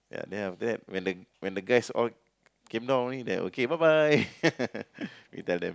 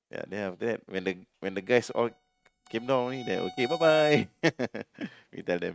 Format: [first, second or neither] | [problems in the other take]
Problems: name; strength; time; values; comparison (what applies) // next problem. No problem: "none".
first | noise reduction (neural mask model RNNoise)